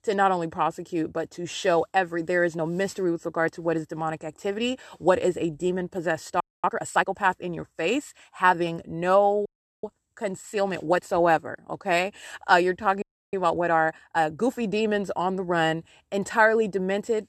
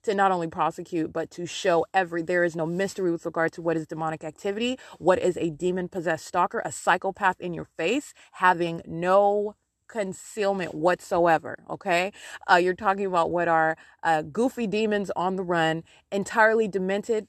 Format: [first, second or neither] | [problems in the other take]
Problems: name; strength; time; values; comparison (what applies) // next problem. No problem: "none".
second | audio freezing; at 6.5 s, at 9.5 s and at 13 s